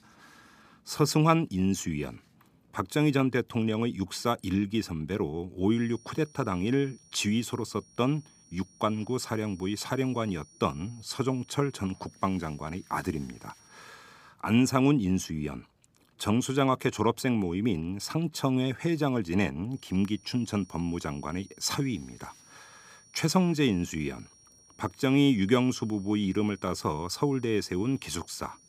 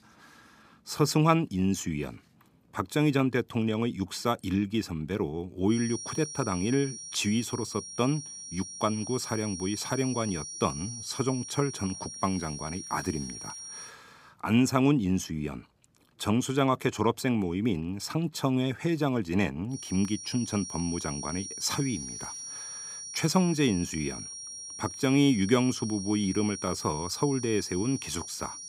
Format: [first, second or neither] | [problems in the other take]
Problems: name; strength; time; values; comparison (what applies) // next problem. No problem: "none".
first | high-pitched whine; loud; from 5.5 to 14 s and from 20 s on; 5.5 kHz, 9 dB below the speech; faint in the first